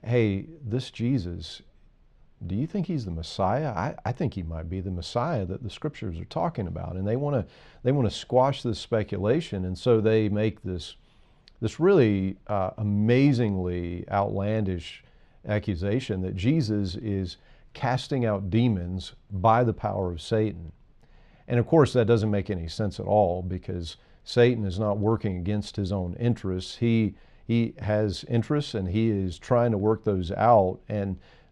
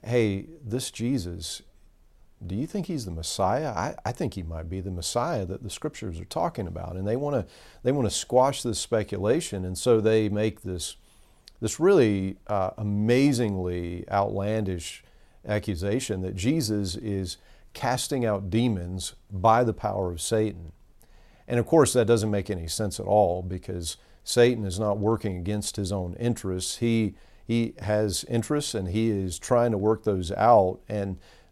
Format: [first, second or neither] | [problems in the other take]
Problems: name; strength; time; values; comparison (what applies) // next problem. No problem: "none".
second | muffled; very slightly; fading above 3.5 kHz